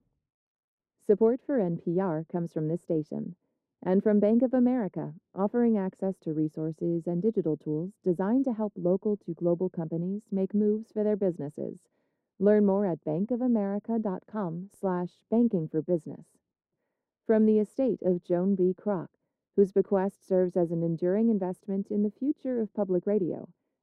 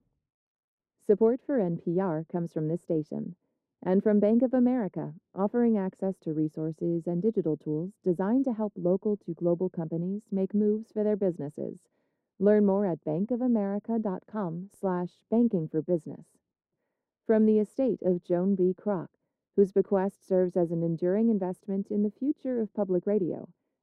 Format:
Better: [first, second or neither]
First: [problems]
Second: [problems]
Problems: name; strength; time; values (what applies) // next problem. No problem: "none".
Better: neither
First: muffled; very; fading above 1.5 kHz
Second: muffled; very; fading above 1.5 kHz